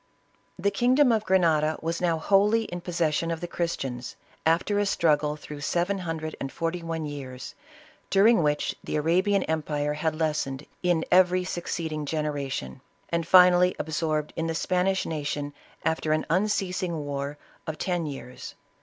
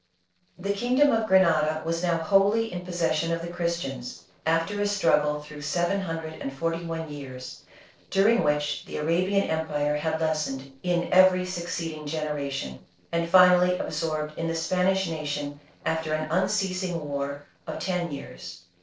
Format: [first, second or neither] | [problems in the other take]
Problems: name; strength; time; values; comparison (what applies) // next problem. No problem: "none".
first | noise reduction (neural separator model SepFormer DNS4)